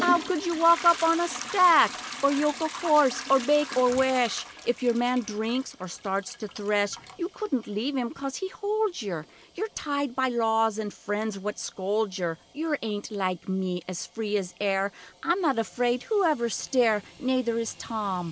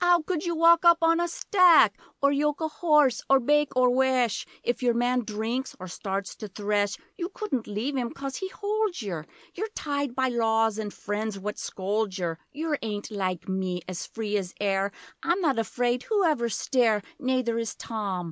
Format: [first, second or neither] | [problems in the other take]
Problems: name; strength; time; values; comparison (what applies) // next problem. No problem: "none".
second | background sound (Trickle, dribble / Toilet flush / Hiss); 15 dB below the speech